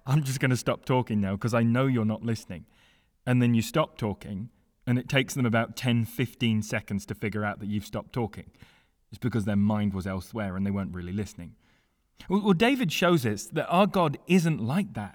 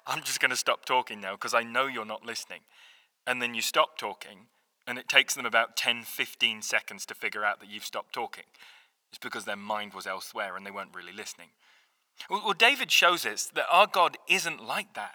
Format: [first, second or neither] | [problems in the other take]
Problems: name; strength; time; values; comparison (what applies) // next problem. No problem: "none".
first | thin; very; fading below 900 Hz